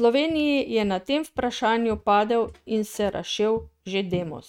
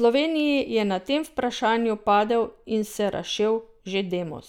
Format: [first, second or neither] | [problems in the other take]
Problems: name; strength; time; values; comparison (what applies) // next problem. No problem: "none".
second | noise reduction (neural mask model RNNoise)